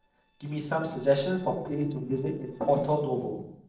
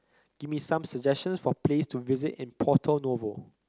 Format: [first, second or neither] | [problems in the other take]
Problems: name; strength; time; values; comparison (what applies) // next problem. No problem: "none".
second | noise reduction (neural separator model SepFormer DNS4)